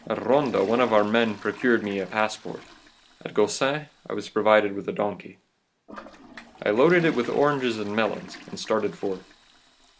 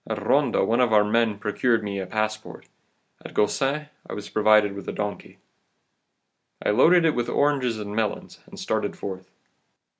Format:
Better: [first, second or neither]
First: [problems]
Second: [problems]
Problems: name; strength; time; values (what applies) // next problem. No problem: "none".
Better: second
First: background sound (Toilet flush); 20 dB below the speech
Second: none